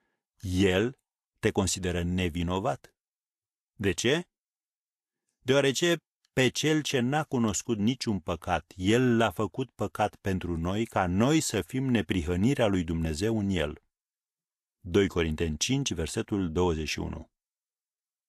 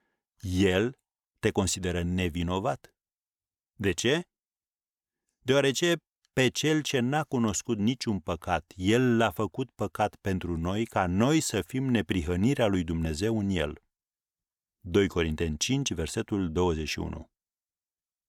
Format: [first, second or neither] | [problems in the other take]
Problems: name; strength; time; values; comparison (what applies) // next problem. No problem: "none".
second | garbled, watery; slightly; nothing above 13 kHz